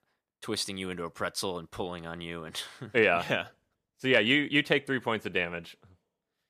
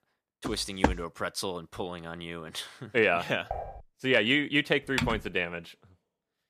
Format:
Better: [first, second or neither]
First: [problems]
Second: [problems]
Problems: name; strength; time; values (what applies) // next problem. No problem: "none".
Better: first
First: none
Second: footsteps; noticeable; at 0.5 s; peak level with the speech // clattering dishes; noticeable; at 3.5 s; peak 9 dB below the speech // keyboard typing; noticeable; at 5 s; peak 3 dB below the speech